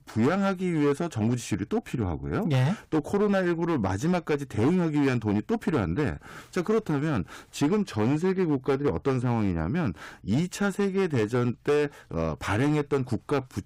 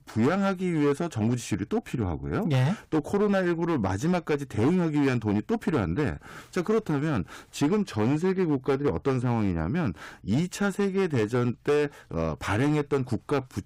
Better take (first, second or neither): neither